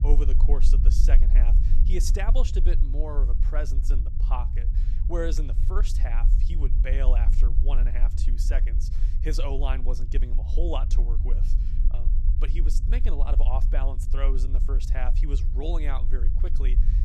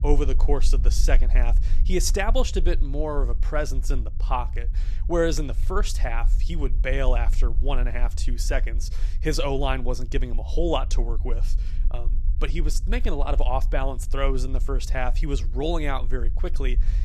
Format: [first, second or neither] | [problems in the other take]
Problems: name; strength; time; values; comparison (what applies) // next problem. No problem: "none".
second | low rumble; loud; throughout; 9 dB below the speech; faint in the second